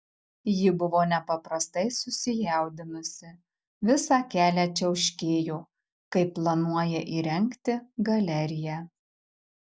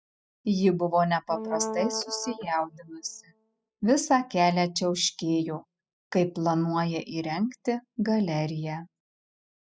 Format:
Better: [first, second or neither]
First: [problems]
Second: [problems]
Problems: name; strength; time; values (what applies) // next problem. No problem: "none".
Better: first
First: none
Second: noise reduction (classical method spectral subtraction)